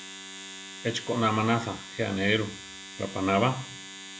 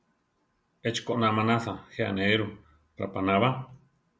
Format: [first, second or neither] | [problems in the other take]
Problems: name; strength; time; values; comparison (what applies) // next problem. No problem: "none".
second | background sound (Domestic sounds, home sounds); 13 dB below the speech